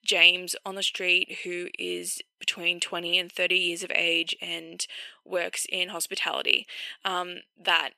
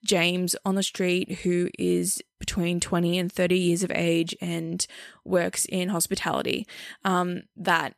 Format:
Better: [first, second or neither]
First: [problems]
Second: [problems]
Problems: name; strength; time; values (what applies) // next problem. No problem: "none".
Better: second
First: thin; very; fading below 450 Hz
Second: none